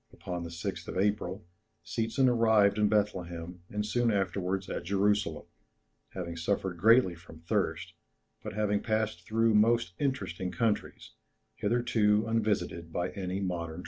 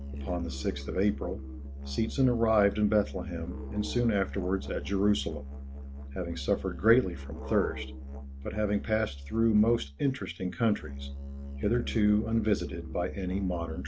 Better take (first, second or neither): first